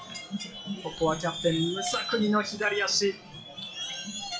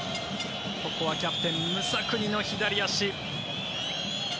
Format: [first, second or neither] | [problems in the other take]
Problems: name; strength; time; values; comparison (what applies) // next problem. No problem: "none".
second | noise reduction (classical method WPE with log-MMSE)